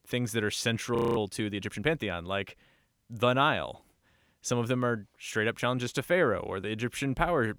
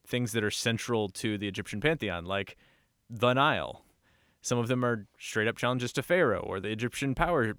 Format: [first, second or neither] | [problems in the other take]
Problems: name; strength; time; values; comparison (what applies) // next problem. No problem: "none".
second | audio freezing; at 1 s